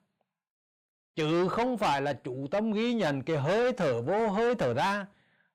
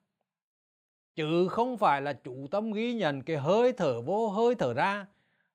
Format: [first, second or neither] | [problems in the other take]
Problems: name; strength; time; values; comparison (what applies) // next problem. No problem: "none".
second | distortion; heavy; 7 dB below the speech